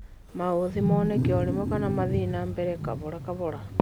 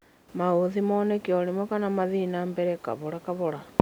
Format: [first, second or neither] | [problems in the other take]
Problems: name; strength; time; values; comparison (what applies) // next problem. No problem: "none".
second | background sound (Wild animals); 1 dB below the speech